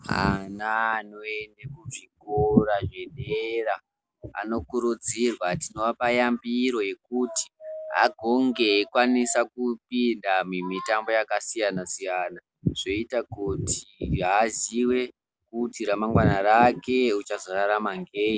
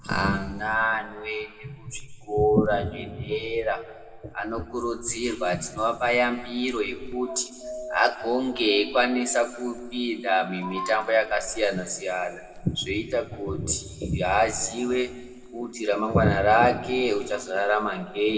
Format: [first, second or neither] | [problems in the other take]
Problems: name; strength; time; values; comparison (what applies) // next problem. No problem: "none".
first | background sound (Cricket); 19 dB below the speech // room echo; dies away in 1.2 s